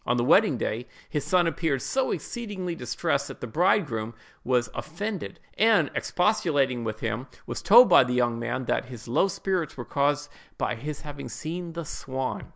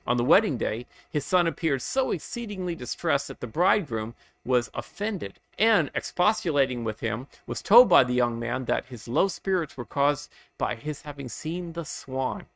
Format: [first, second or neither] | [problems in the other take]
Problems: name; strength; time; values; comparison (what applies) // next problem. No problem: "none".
first | noise reduction (neural mask model RNNoise)